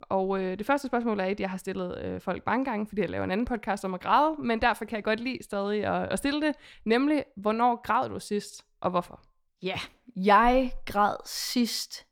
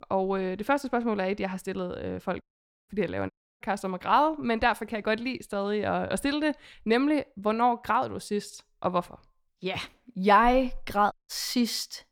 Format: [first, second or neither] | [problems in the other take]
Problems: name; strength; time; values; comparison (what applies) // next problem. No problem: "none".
first | audio cutting out; at 2.5 s, at 3.5 s and at 11 s